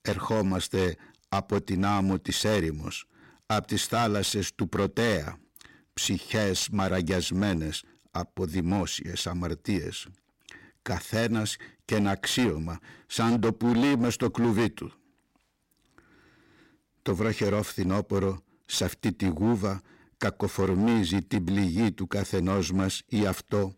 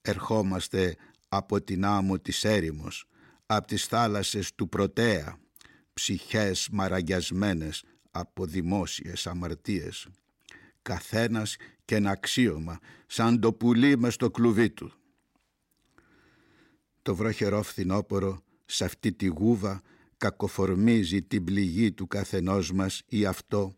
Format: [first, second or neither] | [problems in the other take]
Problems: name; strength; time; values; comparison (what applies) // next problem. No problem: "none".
second | distortion; slight; 12% of the sound clipped